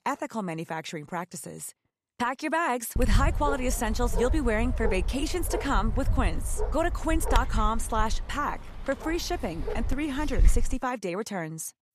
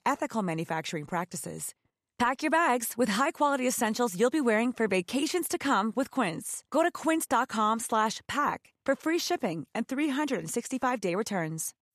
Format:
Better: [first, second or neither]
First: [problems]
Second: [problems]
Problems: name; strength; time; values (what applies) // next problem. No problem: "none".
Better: second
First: dog barking; loud; from 3 to 11 s; peak 4 dB above the speech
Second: none